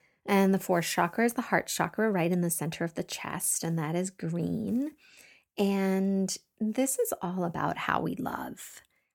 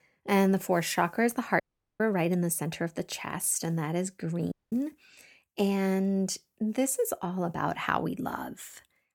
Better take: first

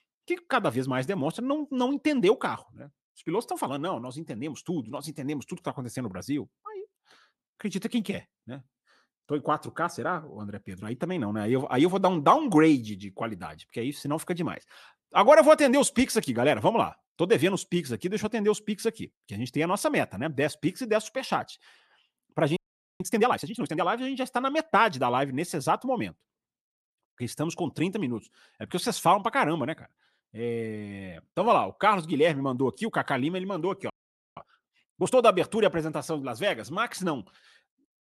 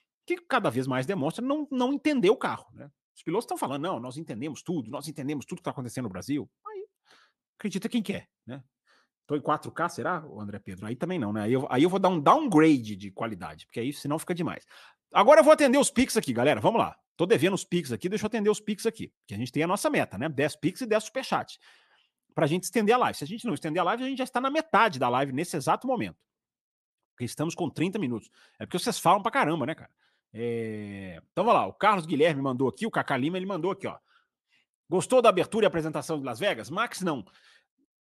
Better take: second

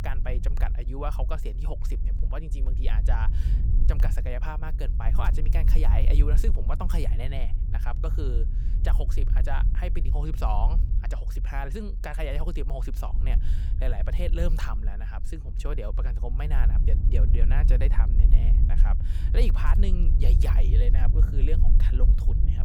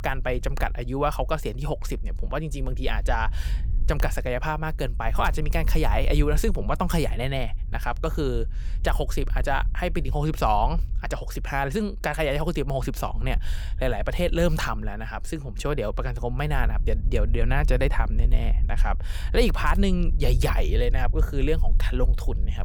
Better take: second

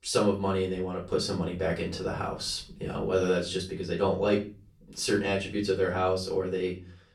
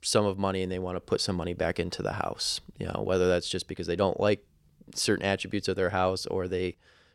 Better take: second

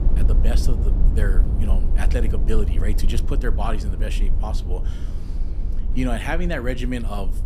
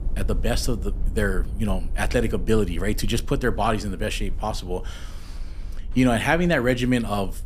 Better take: second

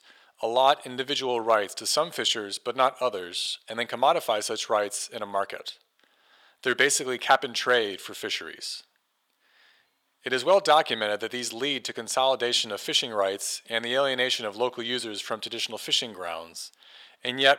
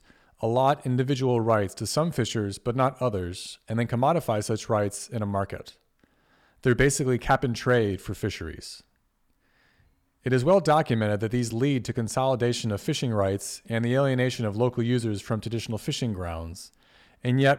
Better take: second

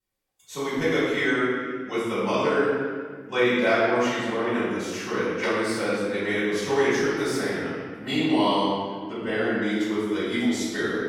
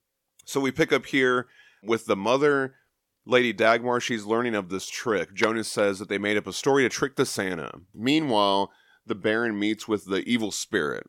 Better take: second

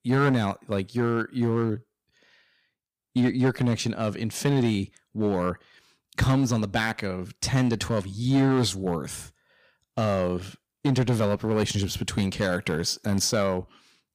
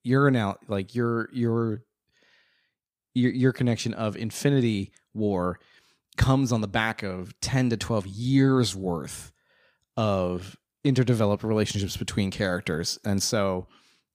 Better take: second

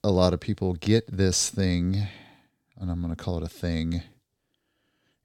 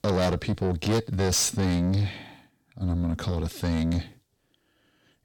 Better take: first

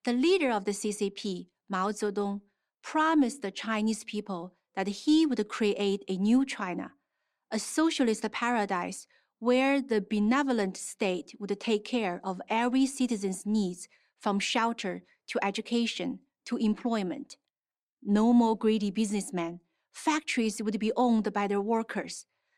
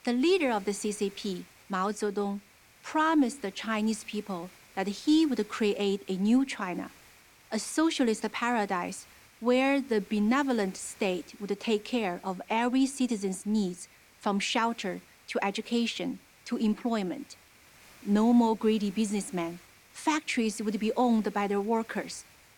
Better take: first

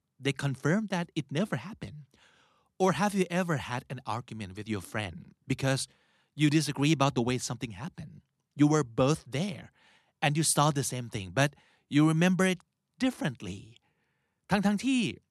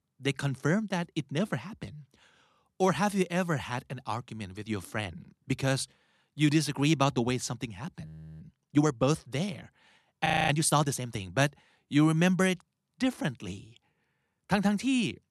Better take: first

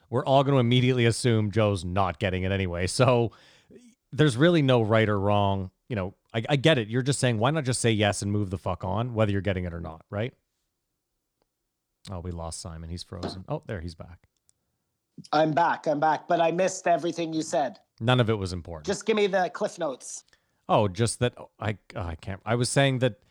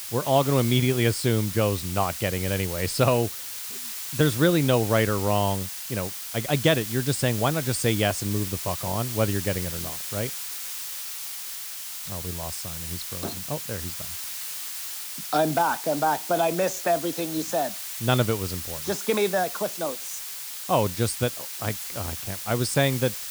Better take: first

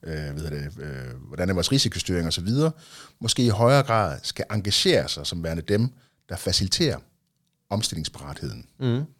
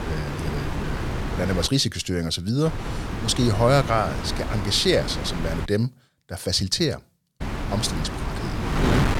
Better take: first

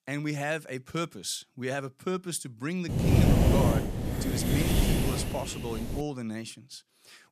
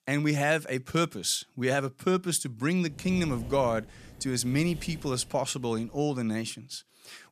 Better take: second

